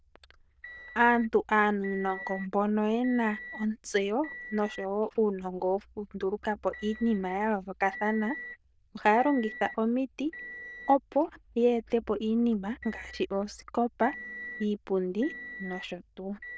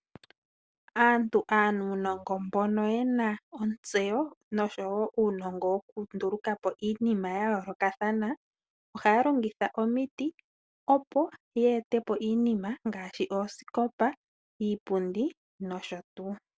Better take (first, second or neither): second